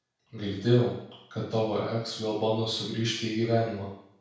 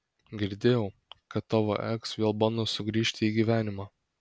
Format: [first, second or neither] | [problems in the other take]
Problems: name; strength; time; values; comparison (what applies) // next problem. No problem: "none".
second | room echo; dies away in 0.6 s